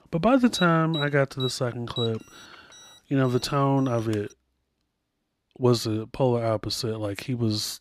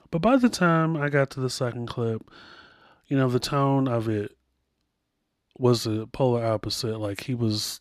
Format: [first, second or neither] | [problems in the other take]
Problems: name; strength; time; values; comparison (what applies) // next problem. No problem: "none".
second | alarm; noticeable; from 0.5 to 4.5 s; peak 9 dB below the speech